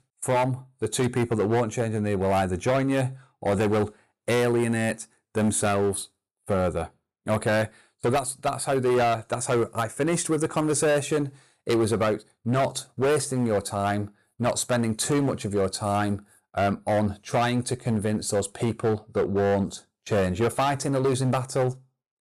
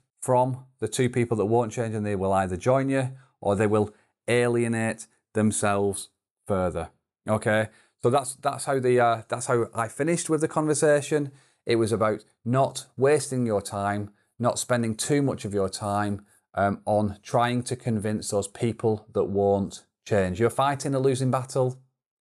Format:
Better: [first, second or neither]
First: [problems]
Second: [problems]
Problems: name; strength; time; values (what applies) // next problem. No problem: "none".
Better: second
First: distortion; slight; 11% of the sound clipped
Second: none